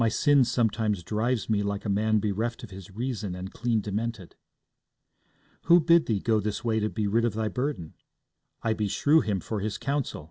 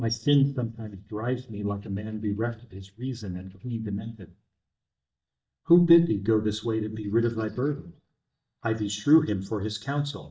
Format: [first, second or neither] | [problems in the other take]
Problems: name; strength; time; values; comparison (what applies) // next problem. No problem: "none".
first | noise reduction (neural mask model DeepFilterNet 3)